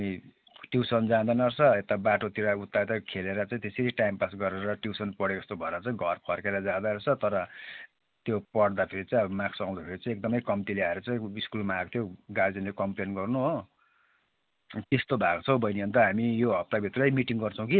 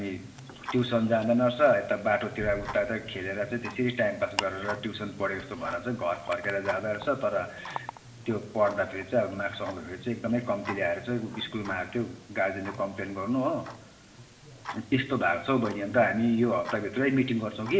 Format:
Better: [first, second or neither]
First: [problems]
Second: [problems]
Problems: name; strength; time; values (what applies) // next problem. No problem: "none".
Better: first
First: none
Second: background sound (Tick-tock); 15 dB below the speech // room echo; dies away in 0.9 s